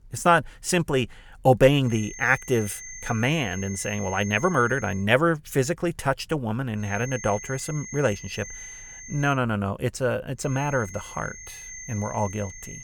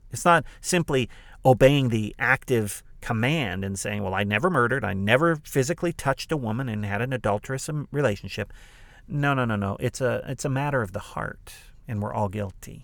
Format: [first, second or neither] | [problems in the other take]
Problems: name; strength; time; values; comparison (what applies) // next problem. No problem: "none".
second | high-pitched whine; noticeable; from 2 to 5 s, from 7 to 9.5 s and from 10 s on; 6.5 kHz, 15 dB below the speech